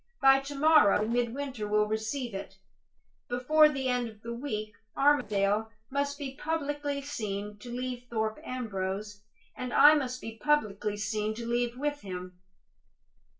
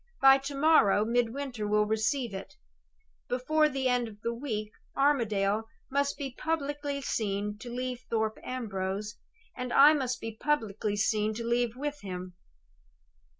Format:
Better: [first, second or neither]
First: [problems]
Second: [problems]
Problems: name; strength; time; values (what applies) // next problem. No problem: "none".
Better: second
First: noise reduction (neural separator model SepFormer DNS4)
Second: none